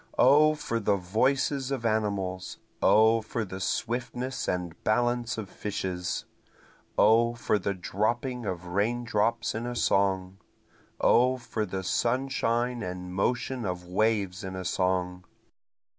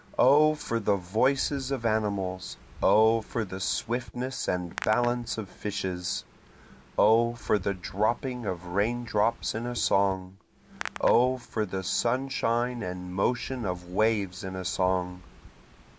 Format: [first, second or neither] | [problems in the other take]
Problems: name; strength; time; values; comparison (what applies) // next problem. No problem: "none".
first | background sound (Hands); 19 dB below the speech